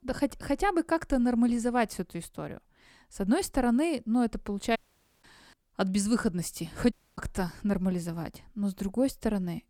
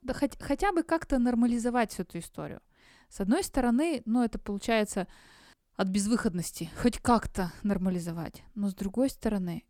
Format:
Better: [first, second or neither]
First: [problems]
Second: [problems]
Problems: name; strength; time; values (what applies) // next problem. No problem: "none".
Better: second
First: audio cutting out; at 5 s and at 7 s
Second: none